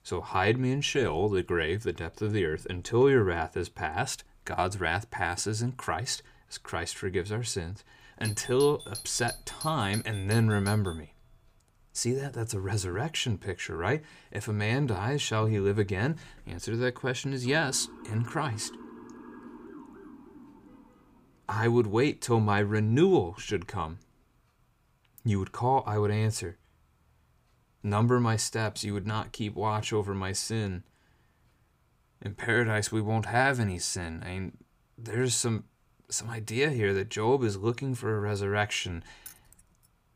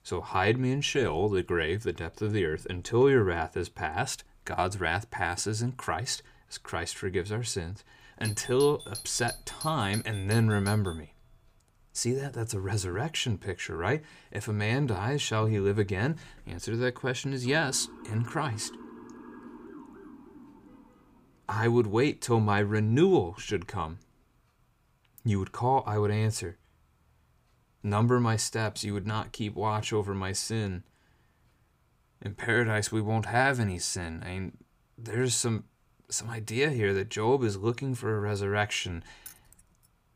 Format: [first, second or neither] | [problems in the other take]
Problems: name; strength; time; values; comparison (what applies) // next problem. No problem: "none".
neither | doorbell; noticeable; from 8.5 to 11 s; peak 10 dB below the speech; the same in both // siren; faint; from 17 to 21 s; peak 15 dB below the speech; the same in both // jangling keys; faint; at 39 s; peak 20 dB below the speech; the same in both